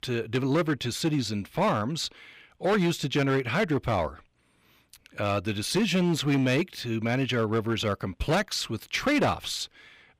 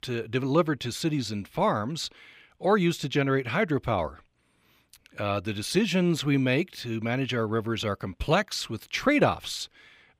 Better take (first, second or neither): second